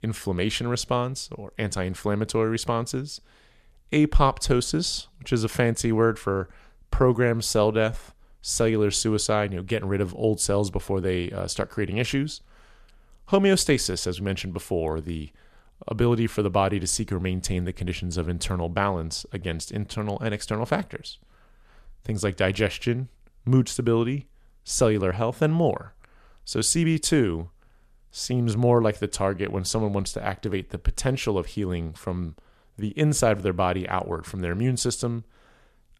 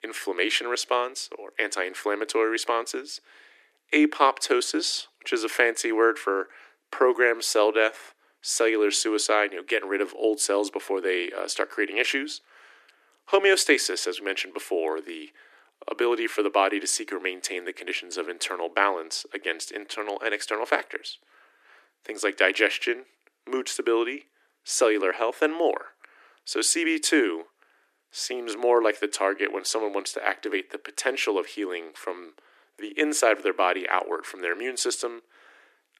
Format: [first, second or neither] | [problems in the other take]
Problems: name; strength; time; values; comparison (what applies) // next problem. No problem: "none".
first | thin; very; fading below 300 Hz